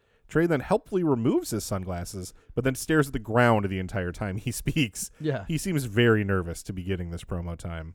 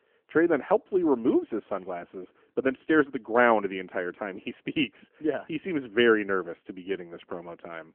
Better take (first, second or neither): first